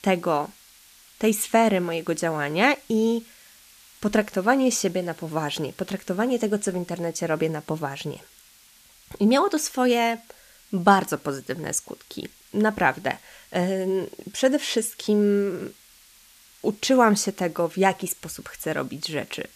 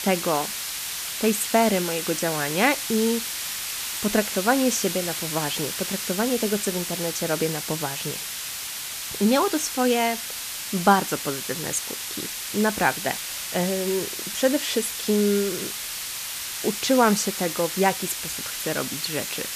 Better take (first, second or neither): first